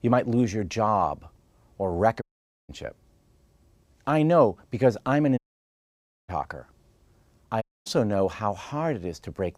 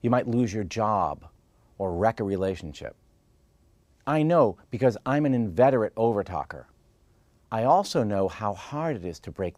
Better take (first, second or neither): second